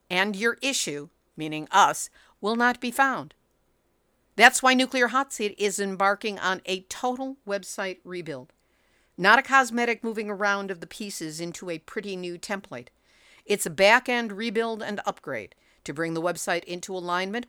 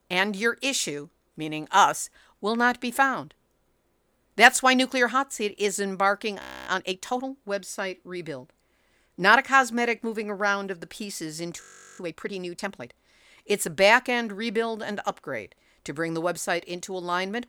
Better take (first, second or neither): first